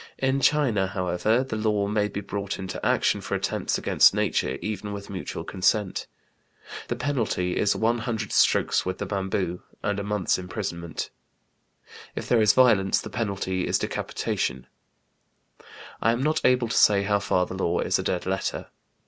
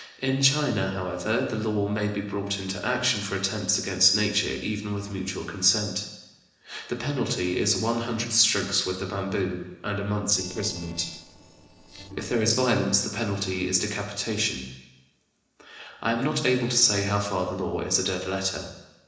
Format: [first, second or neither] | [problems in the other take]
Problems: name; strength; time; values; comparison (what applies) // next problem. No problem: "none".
first | noise reduction (neural separator model SepFormer DNS4)